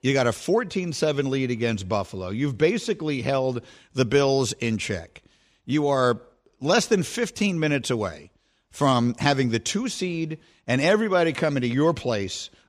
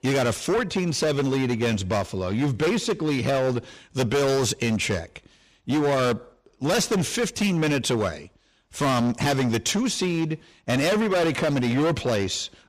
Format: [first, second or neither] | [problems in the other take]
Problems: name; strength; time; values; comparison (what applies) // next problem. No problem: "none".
first | distortion; heavy; 20% of the sound clipped